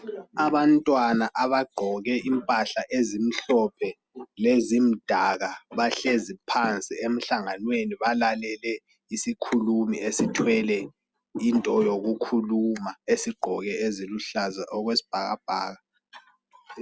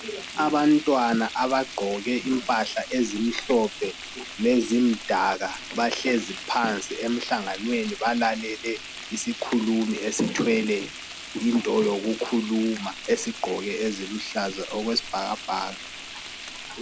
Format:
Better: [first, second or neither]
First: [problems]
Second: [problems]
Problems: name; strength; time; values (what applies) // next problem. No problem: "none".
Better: first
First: none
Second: background sound (Frying (food)); 13 dB below the speech